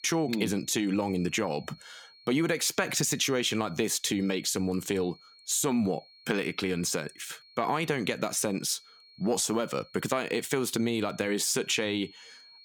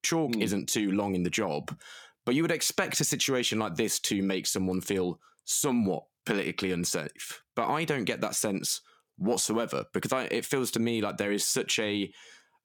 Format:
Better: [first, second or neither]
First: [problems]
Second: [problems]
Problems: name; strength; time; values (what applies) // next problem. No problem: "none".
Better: second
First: high-pitched whine; faint; throughout; 4.5 kHz, 25 dB below the speech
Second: none